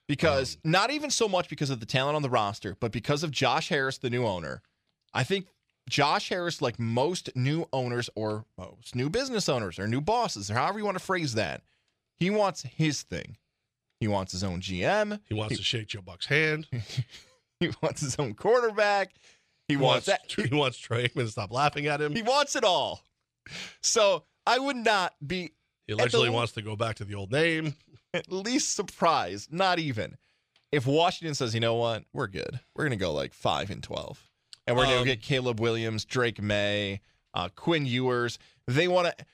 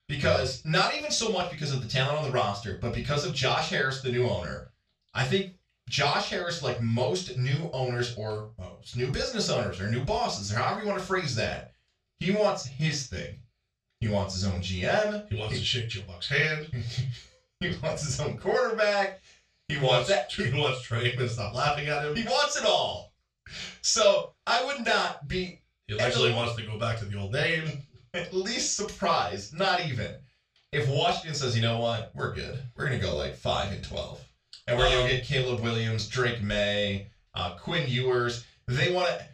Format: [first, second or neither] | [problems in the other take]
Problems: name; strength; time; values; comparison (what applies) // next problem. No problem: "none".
first | room echo; slight; dies away in 0.2 s // off-mic speech; far